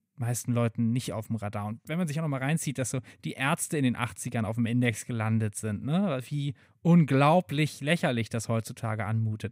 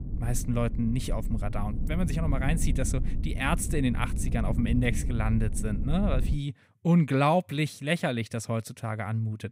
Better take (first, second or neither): first